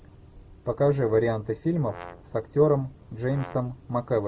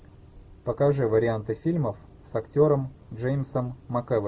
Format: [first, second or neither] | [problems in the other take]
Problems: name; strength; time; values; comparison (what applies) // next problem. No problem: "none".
second | background sound (Brass instrument); 18 dB below the speech